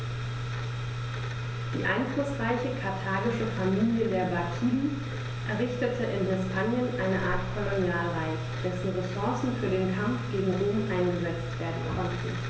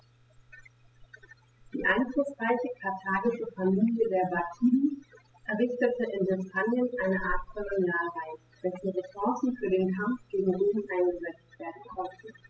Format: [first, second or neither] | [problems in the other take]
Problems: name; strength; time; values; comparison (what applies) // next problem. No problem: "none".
first | noise reduction (classical method spectral subtraction)